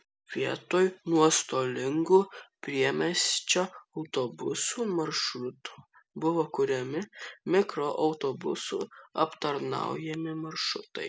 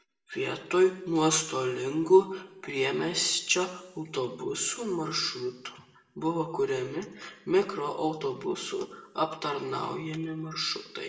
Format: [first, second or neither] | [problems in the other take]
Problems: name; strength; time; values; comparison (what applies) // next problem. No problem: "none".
first | room echo; dies away in 0.8 s